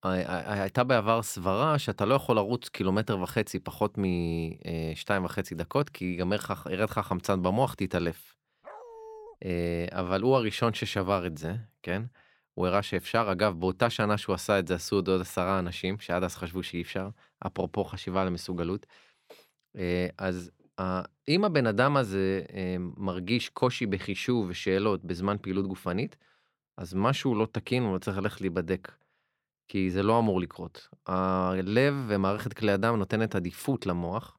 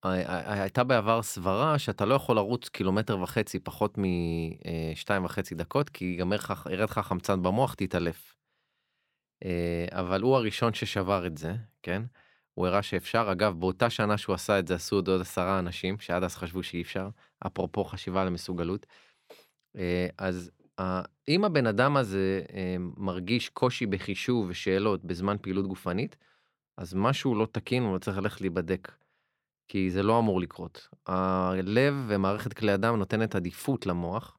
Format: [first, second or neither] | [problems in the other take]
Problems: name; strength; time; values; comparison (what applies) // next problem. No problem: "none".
second | dog barking; faint; at 8.5 s; peak 15 dB below the speech